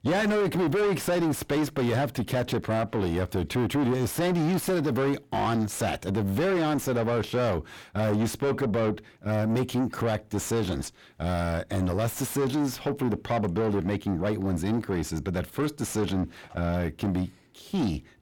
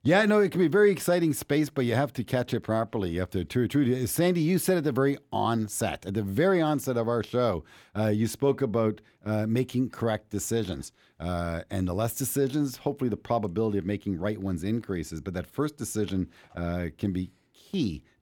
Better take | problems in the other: second | distortion; heavy; 6 dB below the speech

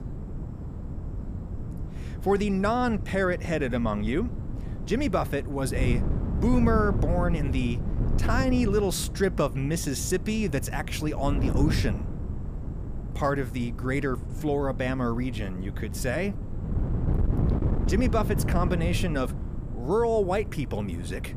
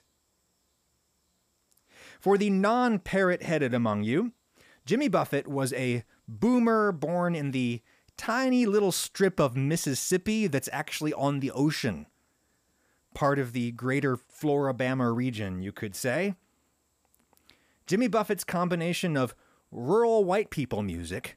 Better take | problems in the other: second | wind noise on the microphone; occasional gusts; 10 dB below the speech

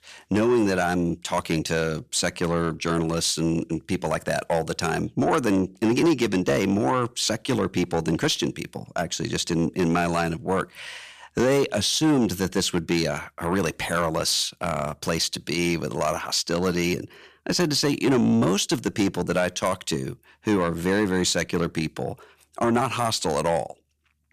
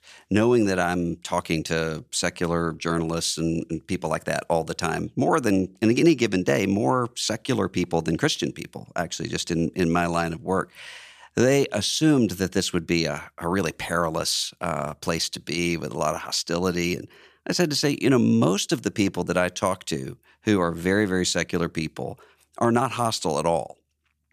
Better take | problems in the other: second | distortion; slight; 10 dB below the speech

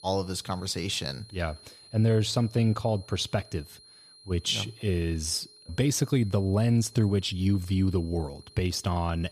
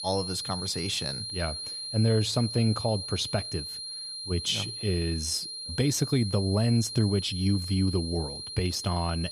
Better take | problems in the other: first | high-pitched whine; loud; throughout; 4 kHz, 6 dB below the speech; faint in the first

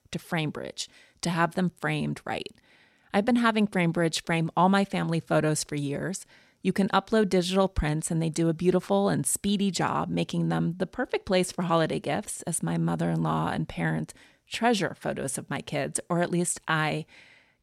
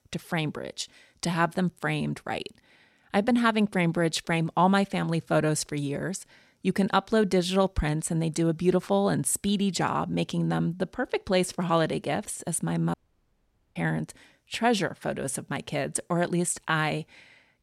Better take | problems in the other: first | audio cutting out; at 13 s for 1 s

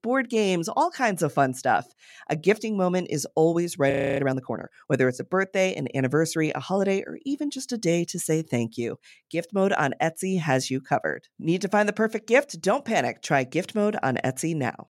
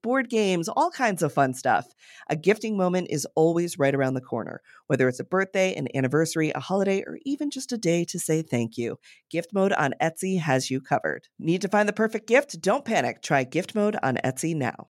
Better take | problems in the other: second | audio freezing; at 4 s

